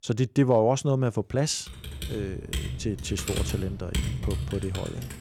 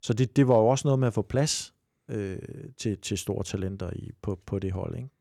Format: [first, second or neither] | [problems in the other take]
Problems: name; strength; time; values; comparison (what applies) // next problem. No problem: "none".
second | keyboard typing; noticeable; from 1.5 s on; peak 2 dB below the speech